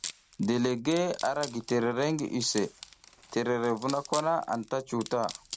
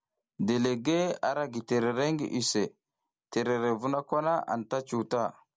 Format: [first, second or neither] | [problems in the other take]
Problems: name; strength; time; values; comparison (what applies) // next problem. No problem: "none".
second | background sound (Wood); 15 dB below the speech